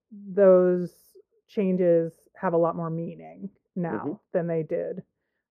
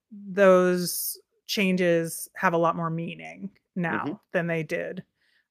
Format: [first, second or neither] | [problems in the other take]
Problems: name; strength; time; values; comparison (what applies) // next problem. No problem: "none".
second | muffled; very; fading above 2 kHz